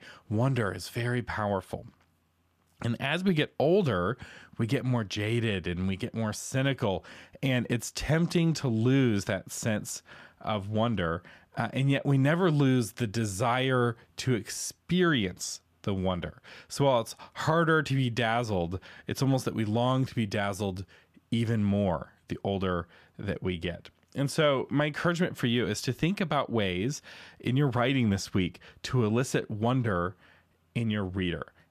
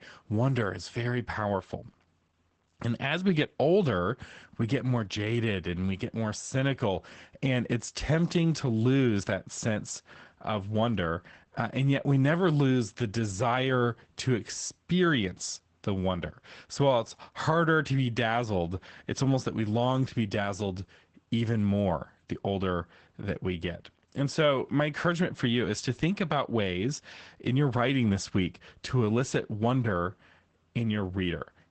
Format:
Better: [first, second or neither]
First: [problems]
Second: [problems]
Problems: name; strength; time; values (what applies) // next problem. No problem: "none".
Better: first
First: none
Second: garbled, watery; badly; nothing above 8 kHz